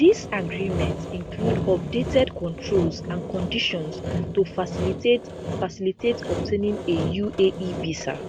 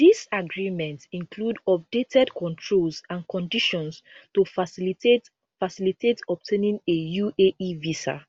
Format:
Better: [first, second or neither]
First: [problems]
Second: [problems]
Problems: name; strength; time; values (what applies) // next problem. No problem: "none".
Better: second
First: background sound (Sawing); 5 dB below the speech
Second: none